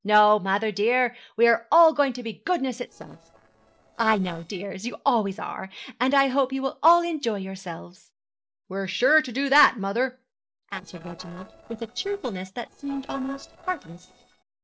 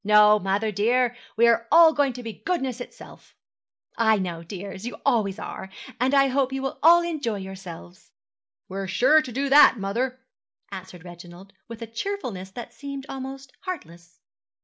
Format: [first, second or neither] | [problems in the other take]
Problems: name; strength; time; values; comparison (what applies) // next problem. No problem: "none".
second | noise reduction (neural separator model SepFormer DNS4)